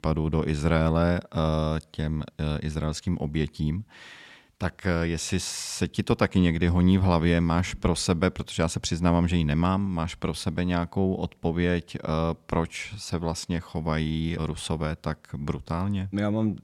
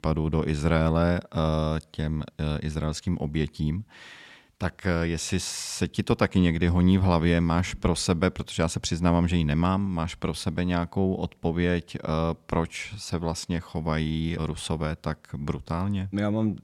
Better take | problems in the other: neither | none

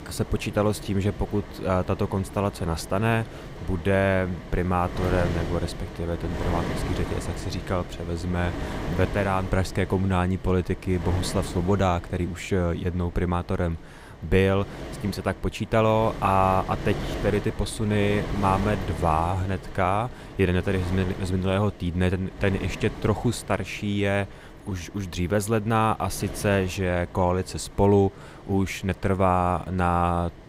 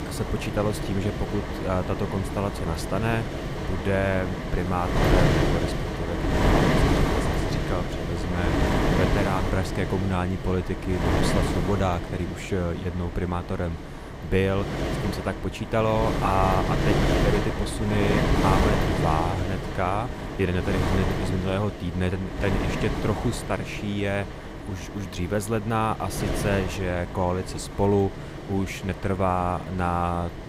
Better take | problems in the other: first | wind noise on the microphone; heavy; 1 dB below the speech; occasional gusts in the first

